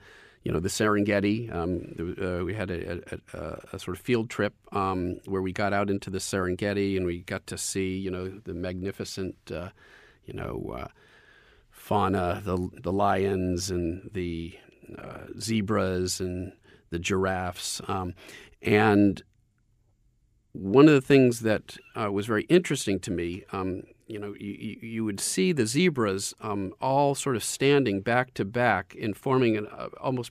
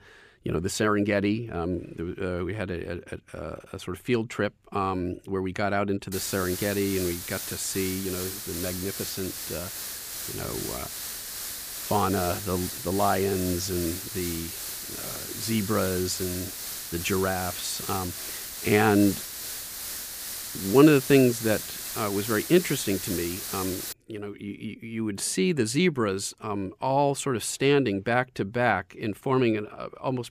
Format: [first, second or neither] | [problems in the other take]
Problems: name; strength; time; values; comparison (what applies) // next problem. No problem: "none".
first | hiss; loud; from 6 to 24 s; 6 dB below the speech